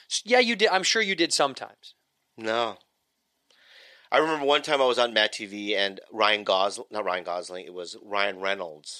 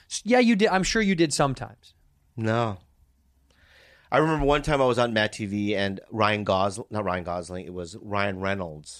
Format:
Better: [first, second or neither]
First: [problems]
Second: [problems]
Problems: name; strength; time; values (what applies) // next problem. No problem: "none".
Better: second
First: thin; somewhat; fading below 450 Hz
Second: none